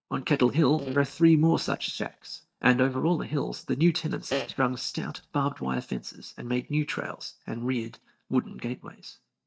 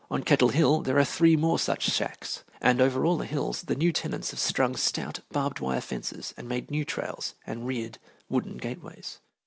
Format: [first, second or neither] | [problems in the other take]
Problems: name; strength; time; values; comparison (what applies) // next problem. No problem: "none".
second | noise reduction (neural mask model DeepFilterNet 3)